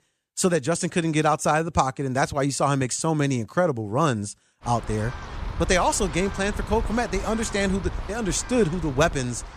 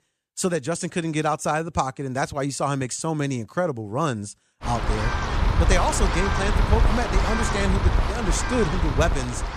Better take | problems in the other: first | wind noise on the microphone; heavy; from 4.5 s on; 1 dB below the speech; occasional gusts in the first

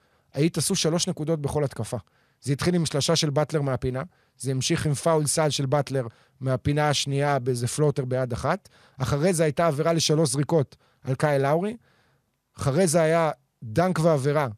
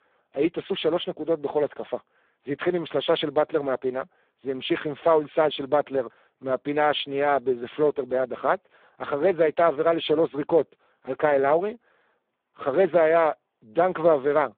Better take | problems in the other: first | phone-call audio; poor line

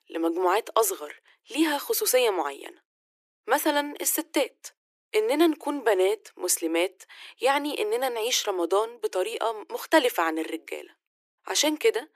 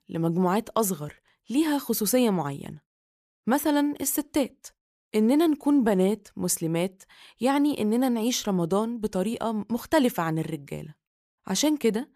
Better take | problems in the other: second | thin; very; fading below 300 Hz

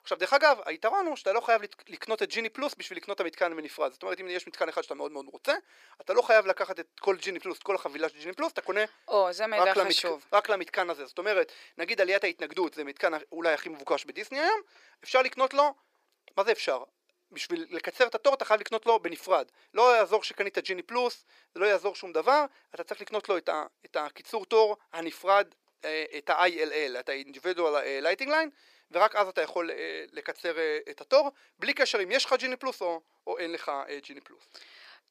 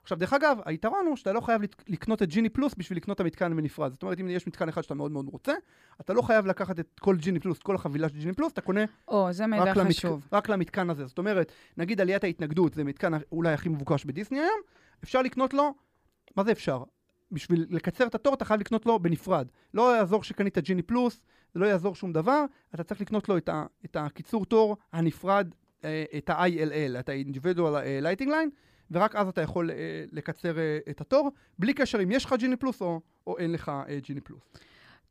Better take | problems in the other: second | thin; very; fading below 400 Hz

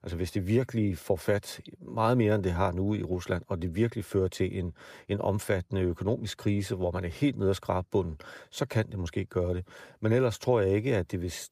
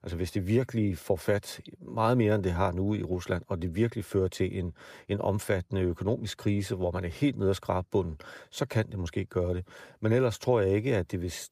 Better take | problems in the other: neither | none

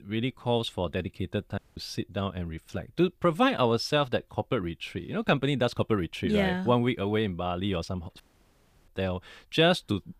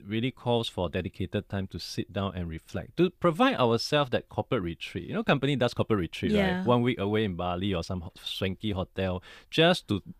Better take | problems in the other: second | audio cutting out; at 1.5 s and at 8 s for 0.5 s

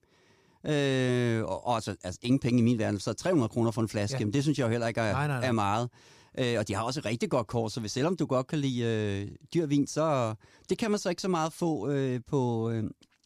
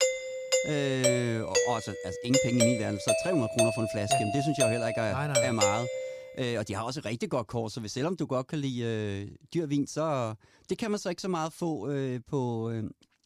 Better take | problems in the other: first | doorbell; loud; until 6 s; peak 6 dB above the speech

